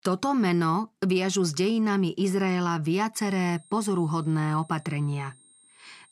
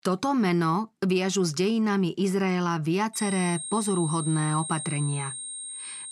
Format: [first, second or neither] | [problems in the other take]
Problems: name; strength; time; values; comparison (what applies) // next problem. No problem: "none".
first | high-pitched whine; loud; from 3 s on; 8.5 kHz, 7 dB below the speech; faint in the first